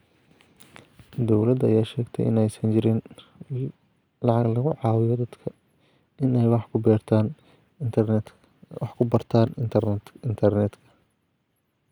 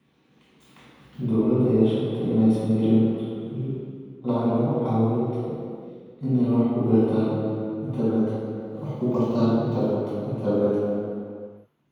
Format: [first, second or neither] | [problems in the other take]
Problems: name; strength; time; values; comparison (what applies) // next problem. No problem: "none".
first | room echo; dies away in 2 s